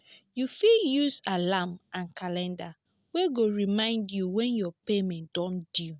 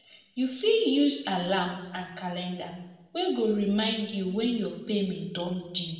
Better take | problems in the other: first | room echo; dies away in 0.9 s

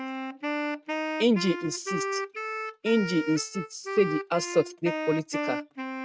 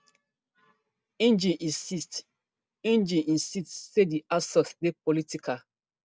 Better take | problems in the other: second | noise reduction (neural mask model RNNoise)

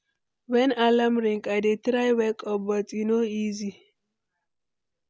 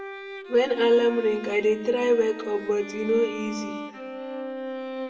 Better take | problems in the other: first | background sound (Bowed string instrument); 11 dB below the speech // room echo; dies away in 1 s

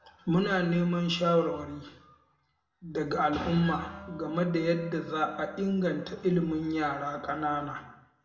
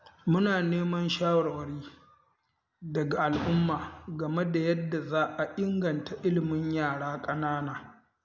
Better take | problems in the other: second | background sound (Wind instrument, woodwind instrument); 17 dB below the speech // room echo; dies away in 0.6 s

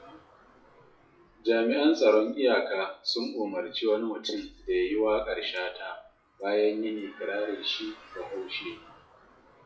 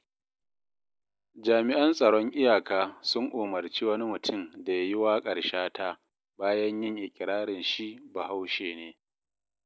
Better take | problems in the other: second | noise reduction (classical method WPE with log-MMSE)

